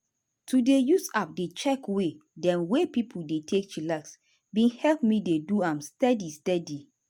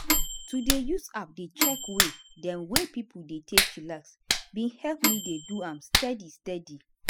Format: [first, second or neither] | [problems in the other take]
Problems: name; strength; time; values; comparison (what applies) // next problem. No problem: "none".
first | noise reduction (classical method spectral subtraction)